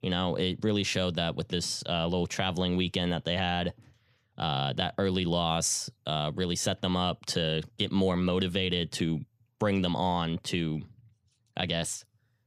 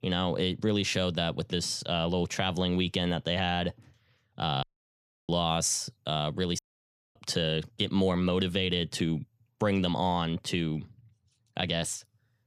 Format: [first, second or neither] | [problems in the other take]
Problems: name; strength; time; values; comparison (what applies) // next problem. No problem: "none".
first | audio cutting out; at 4.5 s for 0.5 s and at 6.5 s for 0.5 s